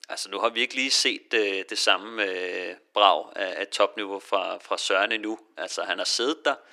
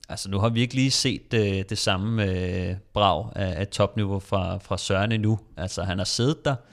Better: second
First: thin; very; fading below 300 Hz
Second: none

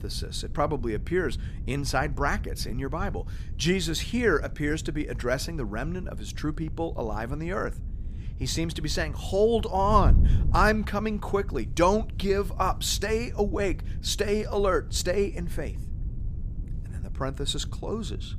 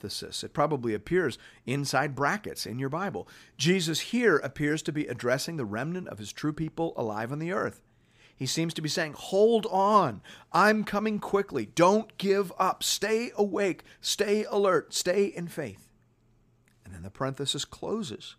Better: second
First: wind noise on the microphone; occasional gusts; 20 dB below the speech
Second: none

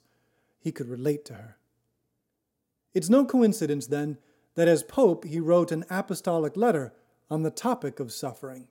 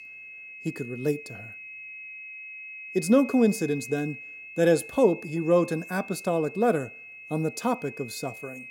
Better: first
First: none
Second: high-pitched whine; noticeable; throughout; 2.5 kHz, 15 dB below the speech

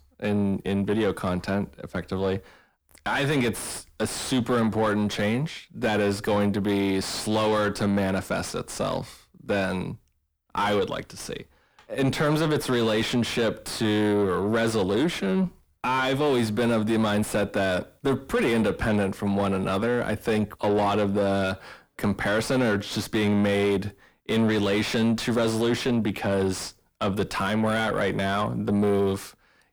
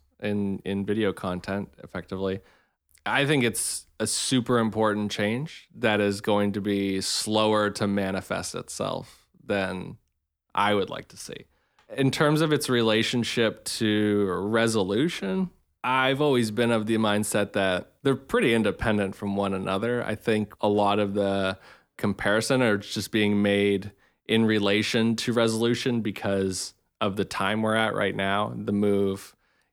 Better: second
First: distortion; heavy; 7 dB below the speech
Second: none

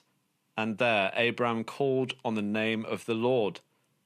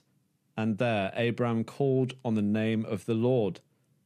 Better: second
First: thin; very slightly; fading below 750 Hz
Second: none

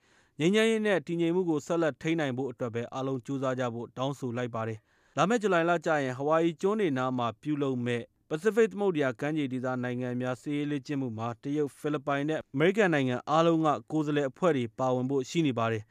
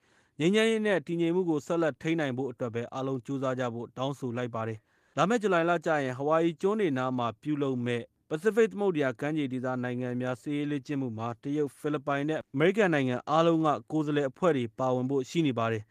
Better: first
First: none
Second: garbled, watery; slightly; nothing above 14.5 kHz

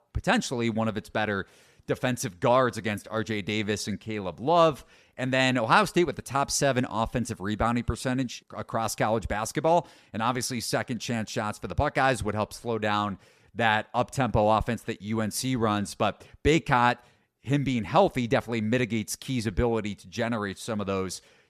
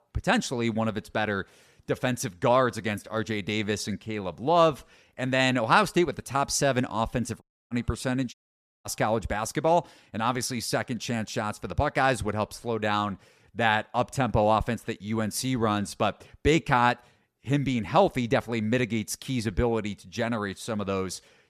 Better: first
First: none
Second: audio cutting out; at 7.5 s and at 8.5 s for 0.5 s

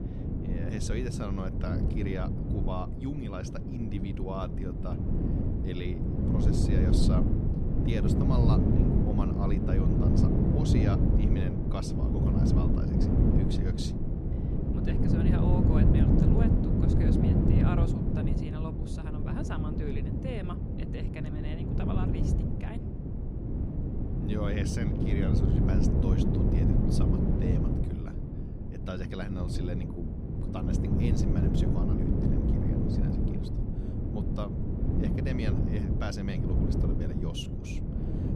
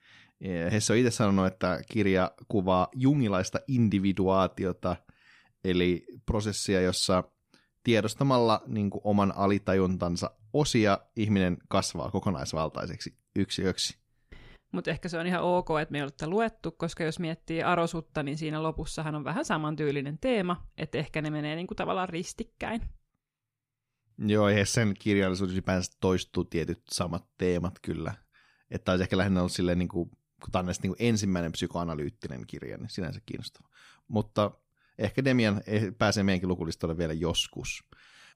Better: second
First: wind noise on the microphone; heavy; 4 dB above the speech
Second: none

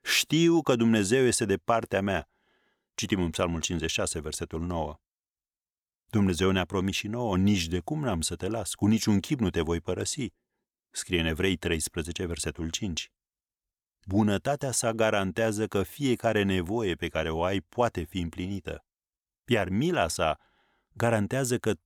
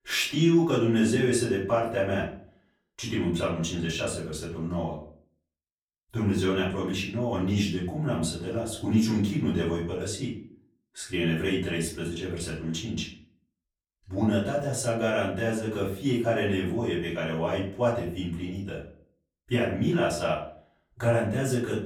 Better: first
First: none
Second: off-mic speech; far // room echo; noticeable; dies away in 0.4 s

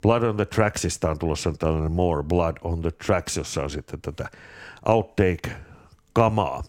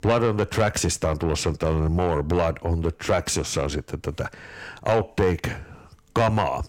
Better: first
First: none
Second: distortion; heavy; 7 dB below the speech

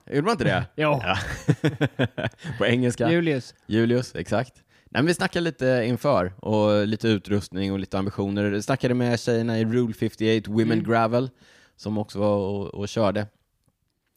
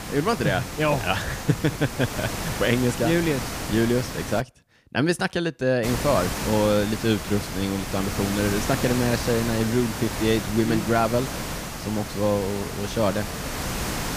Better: first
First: none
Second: hiss; loud; until 4.5 s and from 6 s on; 6 dB below the speech

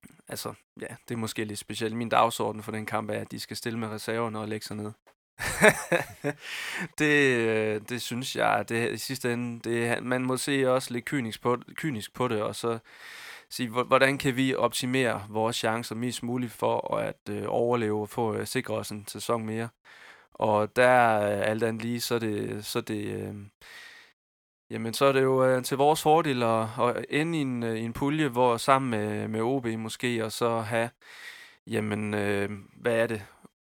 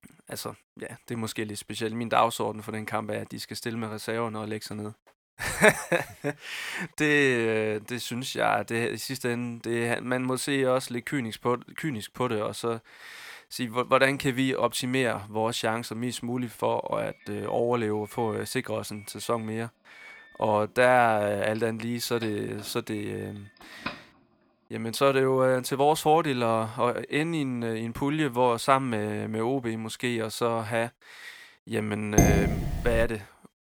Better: first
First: none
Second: doorbell; faint; from 22 to 24 s; peak 10 dB below the speech // clattering dishes; loud; at 32 s; peak 6 dB above the speech

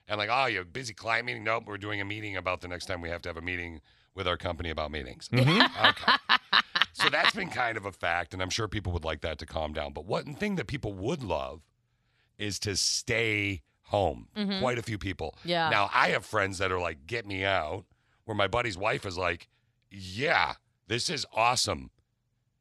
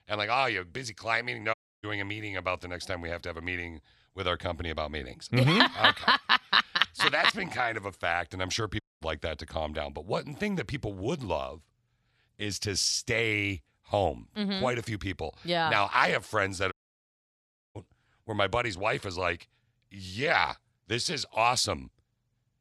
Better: first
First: none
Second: audio cutting out; at 1.5 s, at 9 s and at 17 s for 1 s

